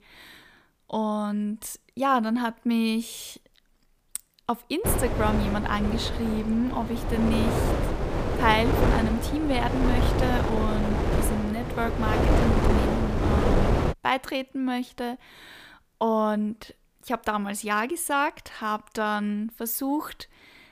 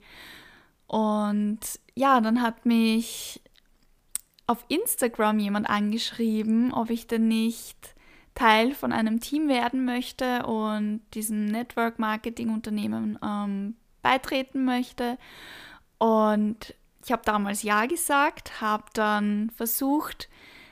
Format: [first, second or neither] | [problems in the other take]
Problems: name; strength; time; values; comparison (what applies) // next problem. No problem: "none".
second | wind noise on the microphone; heavy; from 5 to 14 s; 1 dB below the speech